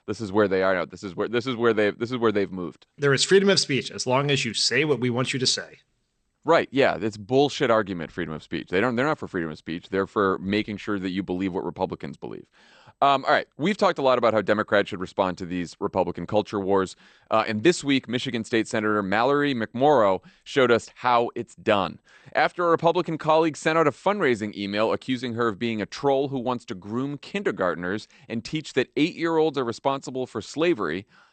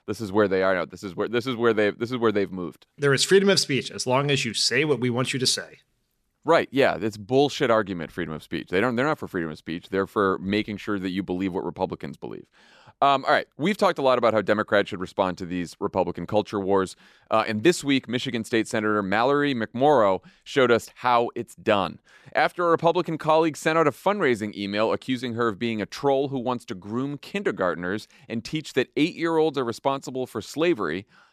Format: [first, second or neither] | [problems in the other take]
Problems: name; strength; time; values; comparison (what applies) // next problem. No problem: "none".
second | garbled, watery; slightly; nothing above 8.5 kHz